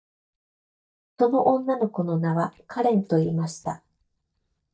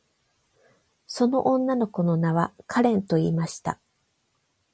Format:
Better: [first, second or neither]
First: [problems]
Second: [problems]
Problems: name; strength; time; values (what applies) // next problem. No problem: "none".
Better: second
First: noise reduction (neural mask model DeepFilterNet 3)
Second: none